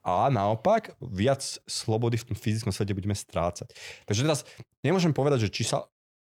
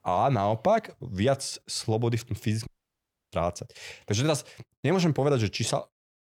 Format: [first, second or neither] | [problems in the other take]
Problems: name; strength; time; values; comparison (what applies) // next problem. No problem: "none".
first | audio cutting out; at 2.5 s for 0.5 s